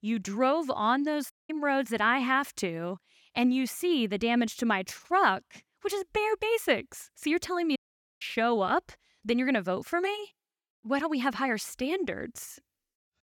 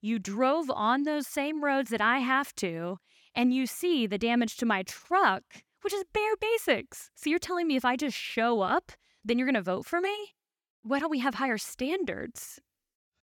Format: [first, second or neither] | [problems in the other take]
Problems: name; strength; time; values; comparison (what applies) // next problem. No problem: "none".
second | audio cutting out; at 1.5 s and at 8 s